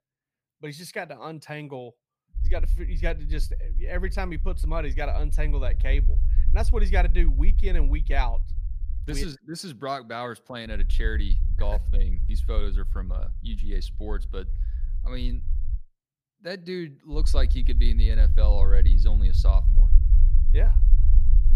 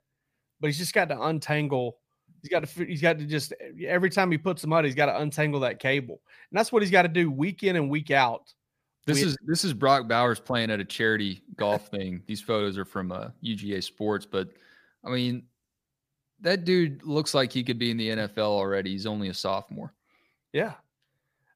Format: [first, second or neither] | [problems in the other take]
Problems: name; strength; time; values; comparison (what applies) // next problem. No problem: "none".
second | low rumble; noticeable; from 2.5 to 9.5 s, from 11 to 16 s and from 17 s on; 15 dB below the speech